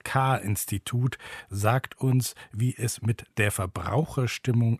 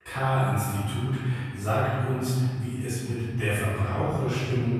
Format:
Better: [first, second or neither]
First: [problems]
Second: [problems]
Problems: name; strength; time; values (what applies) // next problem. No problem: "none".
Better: first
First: none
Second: off-mic speech; far // room echo; strong; dies away in 2.2 s